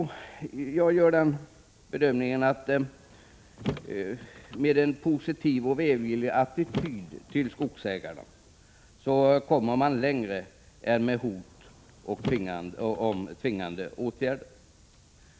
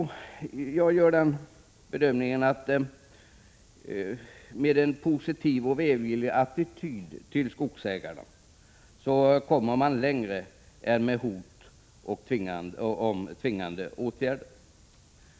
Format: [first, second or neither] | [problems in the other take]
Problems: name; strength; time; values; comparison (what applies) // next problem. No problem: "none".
second | background sound (Car); 14 dB below the speech